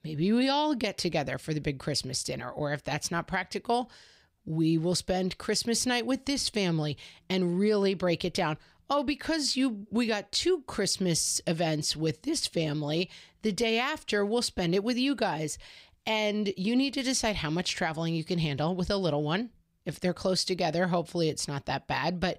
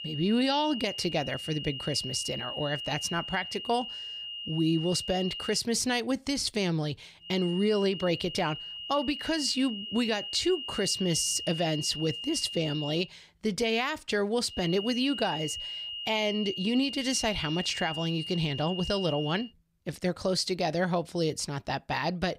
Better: first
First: none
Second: high-pitched whine; loud; until 5.5 s, from 7.5 to 13 s and from 15 to 19 s; 3 kHz, 7 dB below the speech

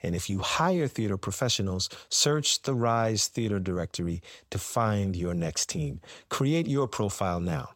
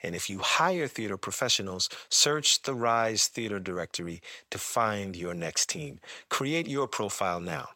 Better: first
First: none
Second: thin; somewhat; fading below 500 Hz

